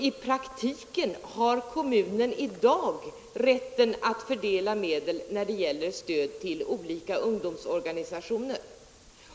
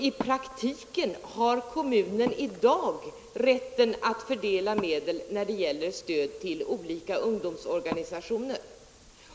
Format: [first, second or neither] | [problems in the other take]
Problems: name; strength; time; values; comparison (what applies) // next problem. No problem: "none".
first | background sound (Wood); 16 dB below the speech